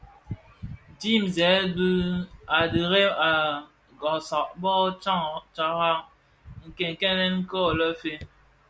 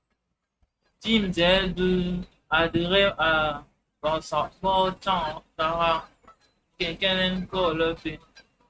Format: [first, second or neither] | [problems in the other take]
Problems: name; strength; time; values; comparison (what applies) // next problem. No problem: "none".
first | noise reduction (neural mask model RNNoise)